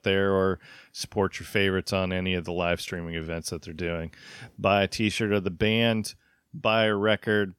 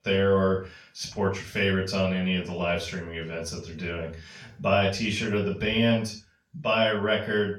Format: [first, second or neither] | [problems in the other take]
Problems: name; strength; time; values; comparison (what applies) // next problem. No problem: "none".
first | room echo; noticeable; dies away in 0.3 s // off-mic speech; far